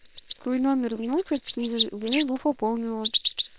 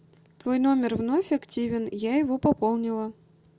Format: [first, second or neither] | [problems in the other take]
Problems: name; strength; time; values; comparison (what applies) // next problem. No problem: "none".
second | noise reduction (neural separator model SepFormer WHAM!)